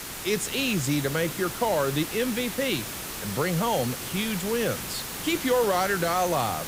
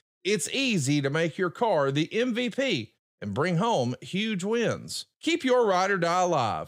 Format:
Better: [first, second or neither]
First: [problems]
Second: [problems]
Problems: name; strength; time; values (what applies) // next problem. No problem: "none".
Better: second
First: hiss; loud; throughout; 6 dB below the speech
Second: none